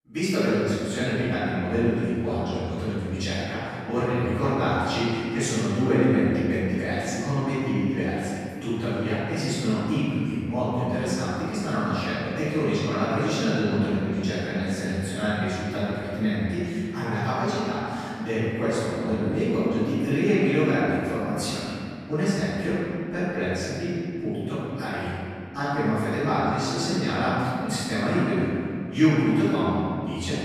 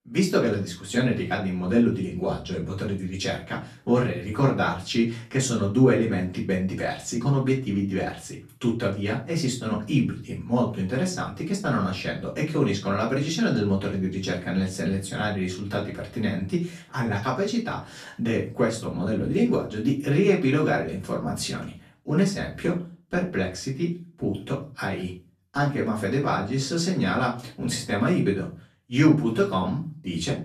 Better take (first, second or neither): second